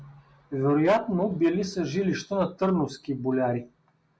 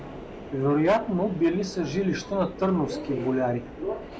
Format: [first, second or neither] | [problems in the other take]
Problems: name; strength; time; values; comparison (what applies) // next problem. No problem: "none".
first | background sound (Subway, metro, underground); 10 dB below the speech